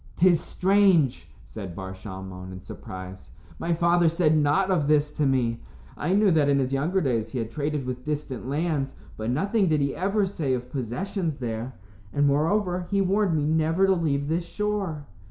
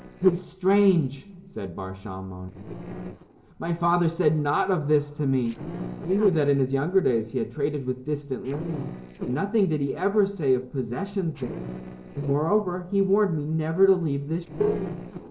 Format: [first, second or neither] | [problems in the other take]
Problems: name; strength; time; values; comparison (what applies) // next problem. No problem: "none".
first | noise reduction (neural separator model SepFormer DNS4)